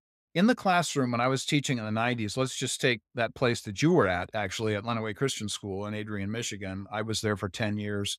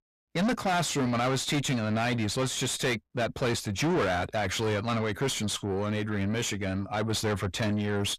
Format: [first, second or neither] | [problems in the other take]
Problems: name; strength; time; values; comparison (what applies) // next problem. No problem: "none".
first | distortion; heavy; 6 dB below the speech